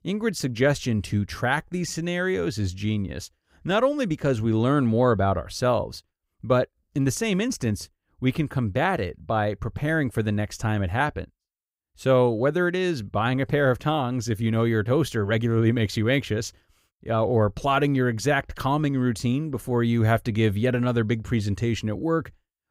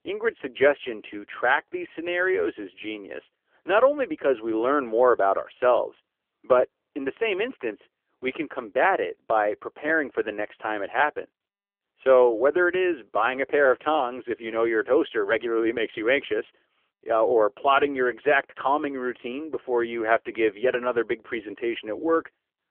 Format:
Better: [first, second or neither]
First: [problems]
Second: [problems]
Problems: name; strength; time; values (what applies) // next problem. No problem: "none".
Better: first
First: none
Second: phone-call audio; poor line; nothing above 3.5 kHz